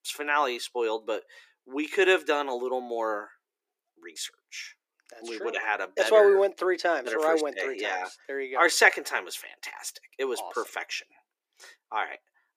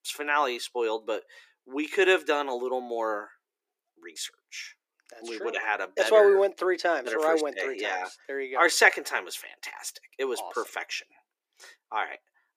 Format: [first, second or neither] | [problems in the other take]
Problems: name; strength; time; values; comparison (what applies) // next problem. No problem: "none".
neither | thin; very; fading below 350 Hz; the same in both